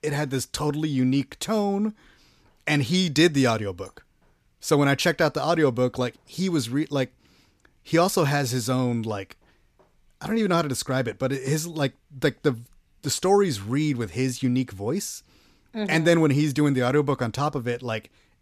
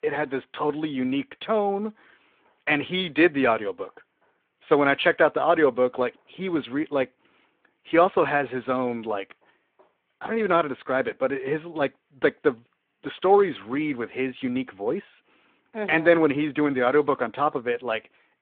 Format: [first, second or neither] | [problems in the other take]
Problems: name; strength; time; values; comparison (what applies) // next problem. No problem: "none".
first | phone-call audio; nothing above 3.5 kHz